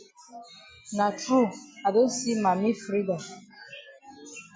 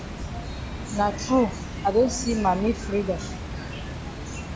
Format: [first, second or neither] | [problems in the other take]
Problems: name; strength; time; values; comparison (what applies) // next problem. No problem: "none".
first | background sound (Water); 7 dB below the speech